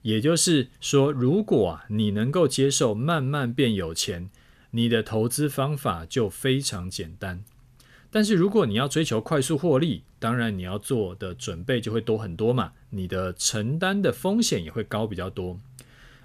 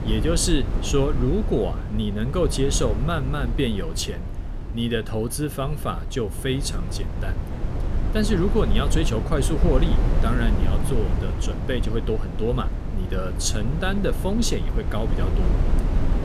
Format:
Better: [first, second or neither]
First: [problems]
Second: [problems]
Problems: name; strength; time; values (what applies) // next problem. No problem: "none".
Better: first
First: none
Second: wind noise on the microphone; heavy; 8 dB below the speech